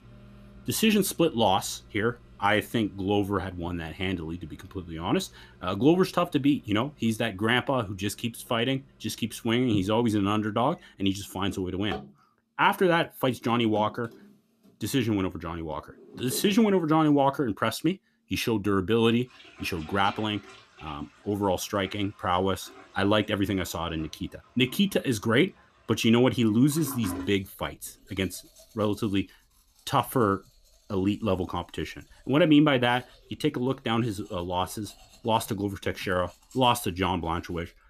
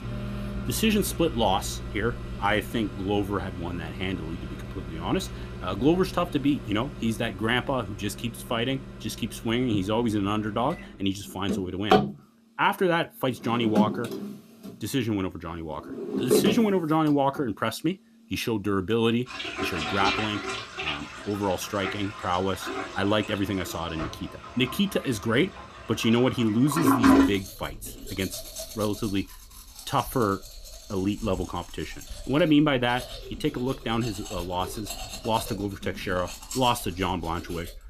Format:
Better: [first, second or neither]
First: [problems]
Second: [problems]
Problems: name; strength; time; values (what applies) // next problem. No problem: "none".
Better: first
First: household noises; faint; throughout; 20 dB below the speech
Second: household noises; loud; throughout; 5 dB below the speech